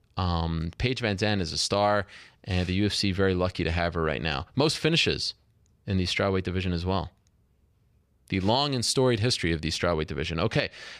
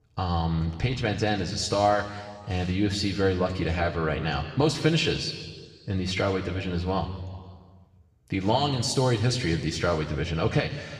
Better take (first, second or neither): first